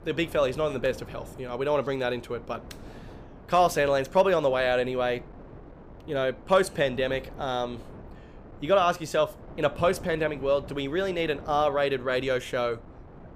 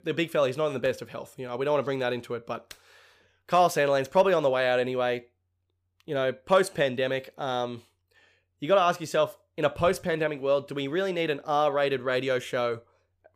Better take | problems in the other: second | wind noise on the microphone; occasional gusts; 25 dB below the speech

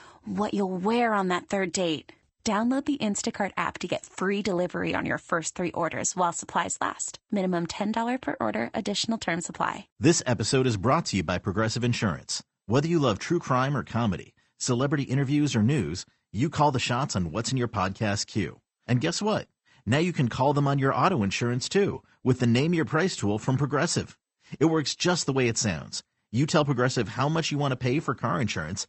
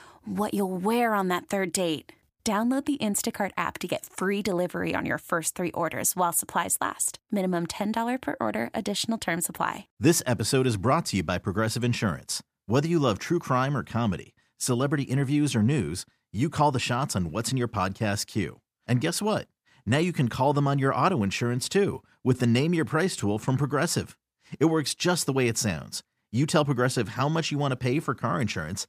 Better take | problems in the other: second | garbled, watery; slightly; nothing above 8 kHz

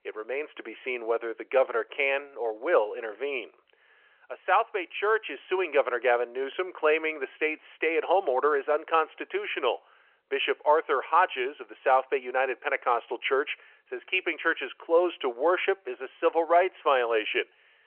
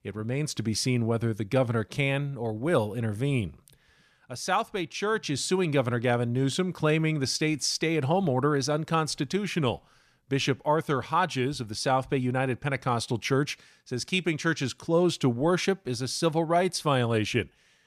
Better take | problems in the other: second | phone-call audio

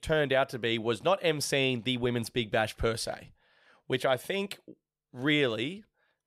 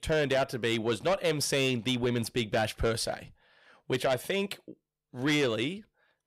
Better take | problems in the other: first | distortion; slight; 10 dB below the speech

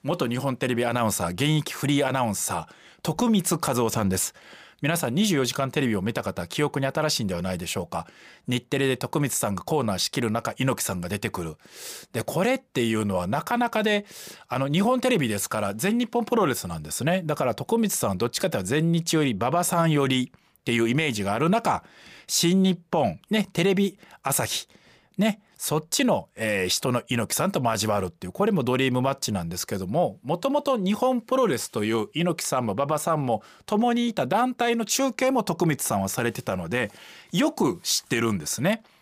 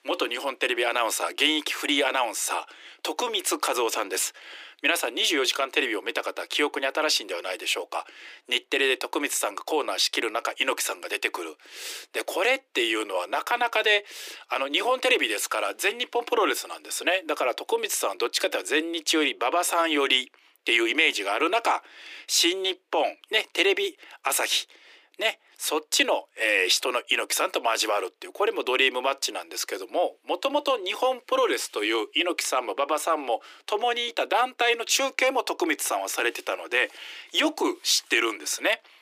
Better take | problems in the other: first | thin; very; fading below 300 Hz

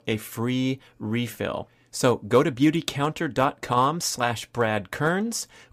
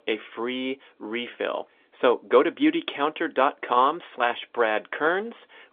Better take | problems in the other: first | phone-call audio; nothing above 3.5 kHz

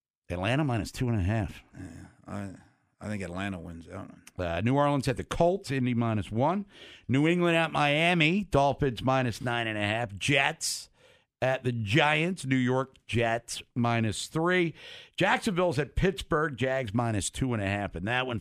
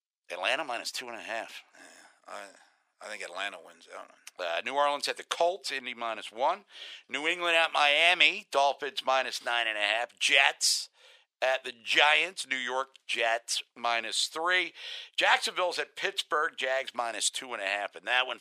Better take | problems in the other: first | thin; very; fading below 600 Hz

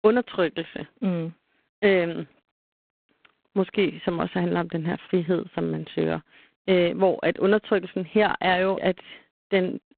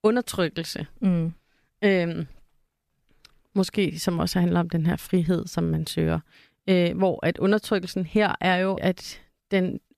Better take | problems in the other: second | phone-call audio; poor line

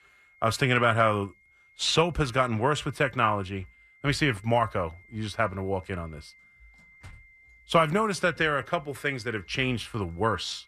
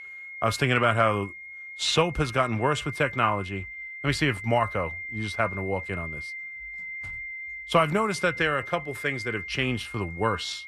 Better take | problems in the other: first | high-pitched whine; loud; throughout; 2 kHz, 10 dB below the speech; faint in the first

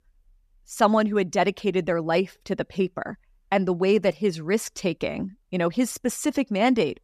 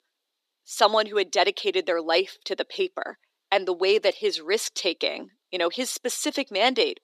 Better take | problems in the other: first | thin; somewhat; fading below 300 Hz

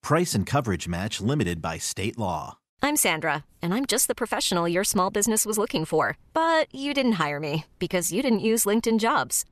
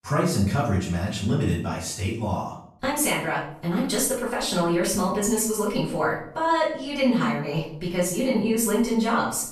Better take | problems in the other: first | off-mic speech; far // room echo; noticeable; dies away in 0.5 s

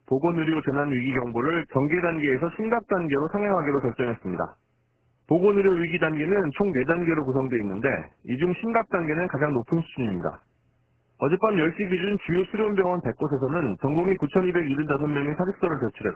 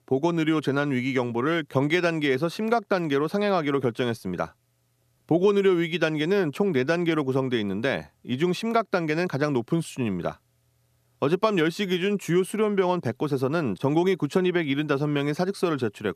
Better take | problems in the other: second | garbled, watery; badly

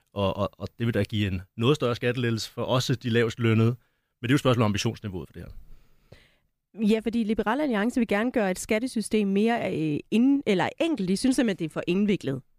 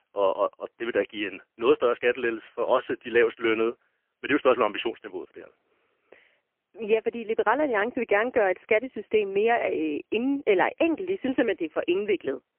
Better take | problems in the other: first | phone-call audio; poor line; nothing above 3 kHz

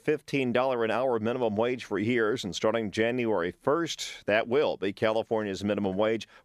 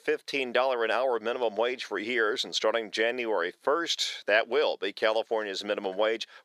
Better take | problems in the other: first | thin; somewhat; fading below 500 Hz

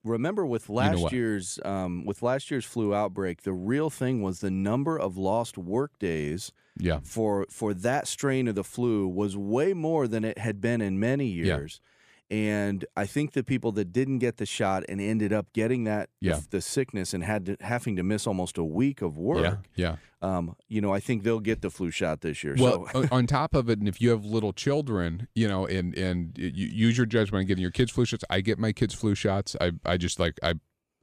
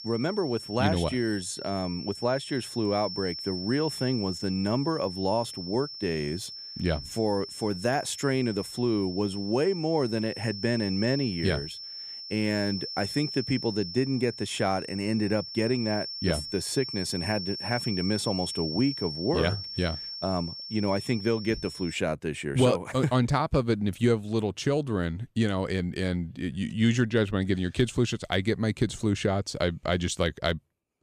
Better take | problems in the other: first | high-pitched whine; loud; until 22 s; 5.5 kHz, 8 dB below the speech

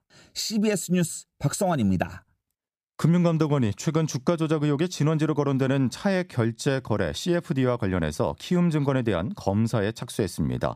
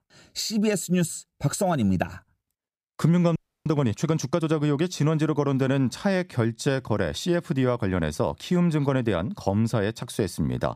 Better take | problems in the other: first | audio freezing; at 3.5 s

